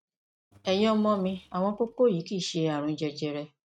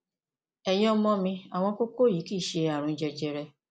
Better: second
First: noise reduction (neural mask model RNNoise)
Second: none

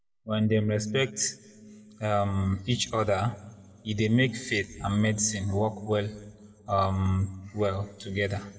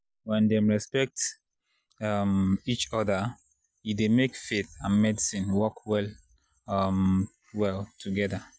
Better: second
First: room echo; dies away in 0.9 s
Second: none

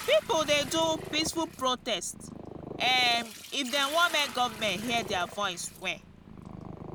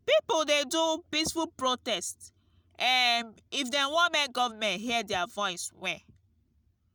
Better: second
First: background sound (Liquid + Purr); 12 dB below the speech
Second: none

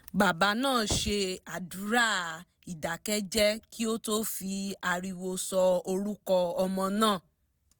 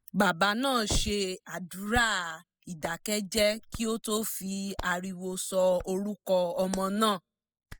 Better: first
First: none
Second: noise reduction (classical method spectral subtraction)

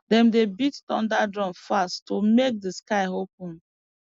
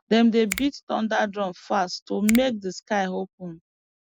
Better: first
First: none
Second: background sound (Finger snapping); 15 dB below the speech

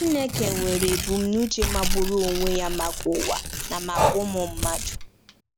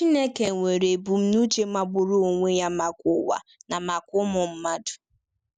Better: second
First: background sound (Tearing + Breathing); 1 dB below the speech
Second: none

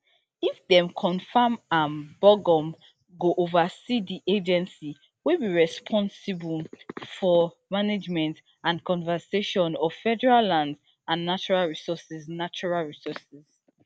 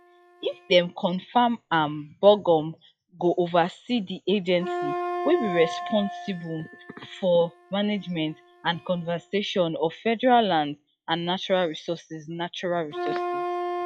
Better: first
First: none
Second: noise reduction (classical method log-MMSE)

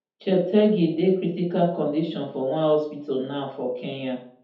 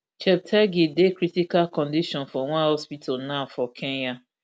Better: second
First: room echo; dies away in 0.6 s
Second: none

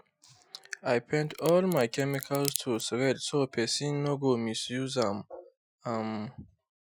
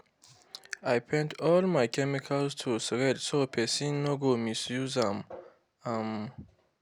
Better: second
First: noise reduction (classical method Wiener filter)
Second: none

